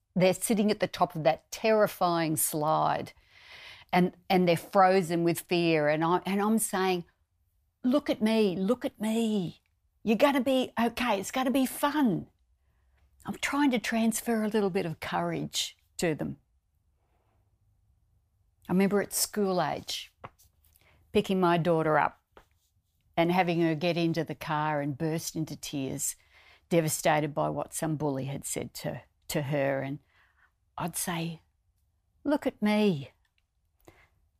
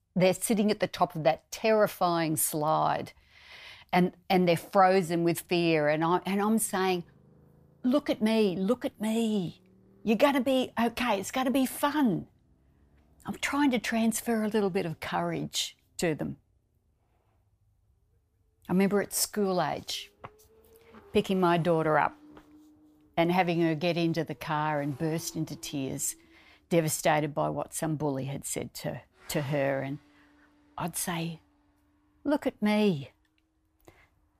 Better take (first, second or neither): first